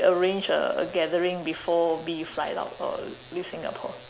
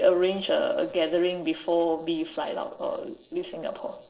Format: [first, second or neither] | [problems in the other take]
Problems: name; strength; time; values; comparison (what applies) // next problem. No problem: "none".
first | noise reduction (neural separator model SepFormer DNS4)